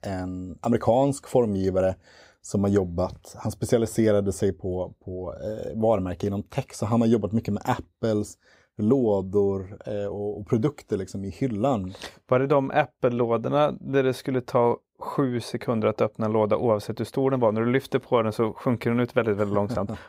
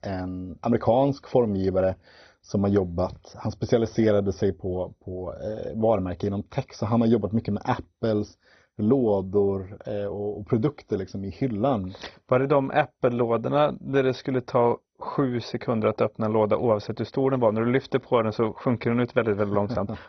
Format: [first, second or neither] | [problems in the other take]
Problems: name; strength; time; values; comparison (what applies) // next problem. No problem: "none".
first | garbled, watery; badly; nothing above 6 kHz